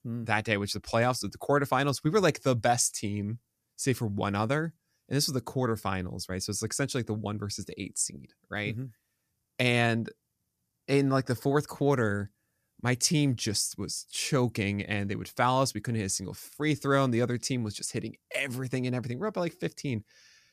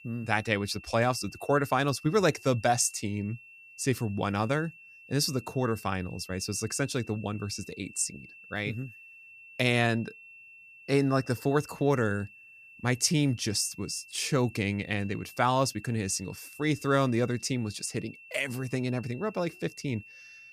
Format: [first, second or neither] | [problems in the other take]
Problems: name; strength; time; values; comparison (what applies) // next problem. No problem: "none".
first | high-pitched whine; noticeable; throughout; 2.5 kHz, 20 dB below the speech